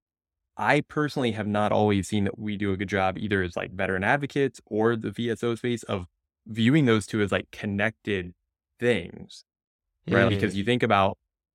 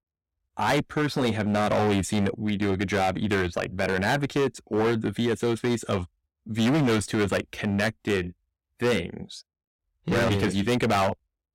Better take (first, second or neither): first